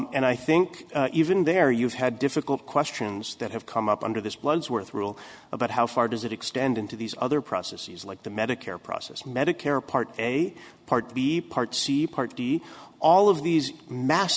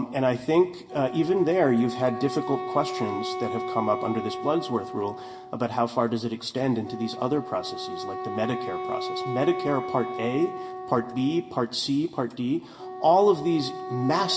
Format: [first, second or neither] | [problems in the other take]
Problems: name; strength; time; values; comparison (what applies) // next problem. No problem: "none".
first | background sound (Wind instrument, woodwind instrument); 9 dB below the speech // room echo; dies away in 0.7 s